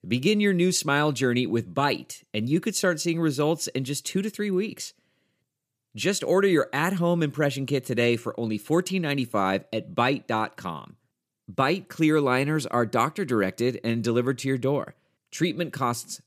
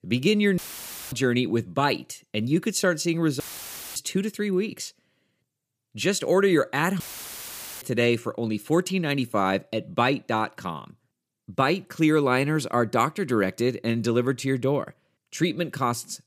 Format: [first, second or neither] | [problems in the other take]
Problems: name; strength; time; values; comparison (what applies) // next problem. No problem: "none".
first | audio cutting out; filled with static; at 0.5 s for 0.5 s, at 3.5 s for 0.5 s and at 7 s for 1 s